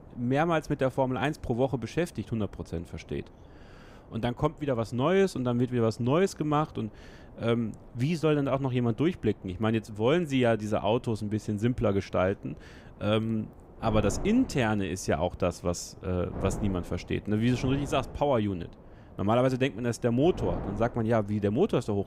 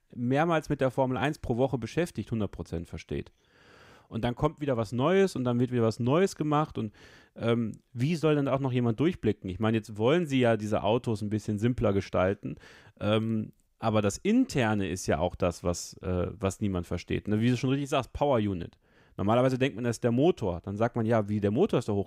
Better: second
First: wind noise on the microphone; occasional gusts; 20 dB below the speech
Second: none

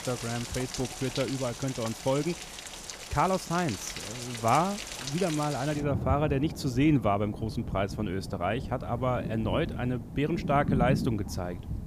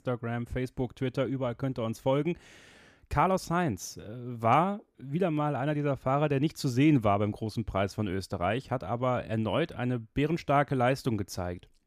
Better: second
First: rain or running water; loud; throughout; 7 dB below the speech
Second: none

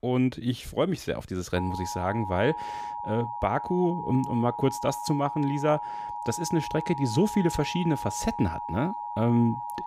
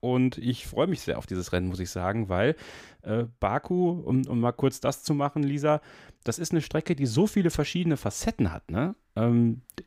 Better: second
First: alarm; noticeable; from 1.5 s on; peak 7 dB below the speech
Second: none

